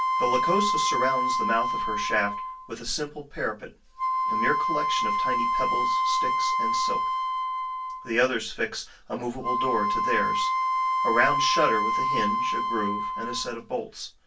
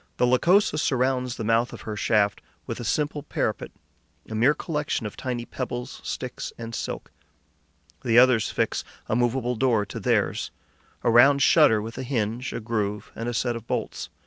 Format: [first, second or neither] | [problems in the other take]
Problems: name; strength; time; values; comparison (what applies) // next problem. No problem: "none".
second | background sound (Wind instrument, woodwind instrument); 4 dB above the speech // room echo; dies away in 0.2 s